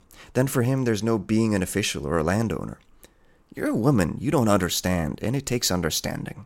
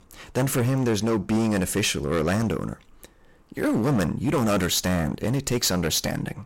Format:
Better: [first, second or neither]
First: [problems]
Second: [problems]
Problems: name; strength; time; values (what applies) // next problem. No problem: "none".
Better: first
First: none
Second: distortion; heavy; 12% of the sound clipped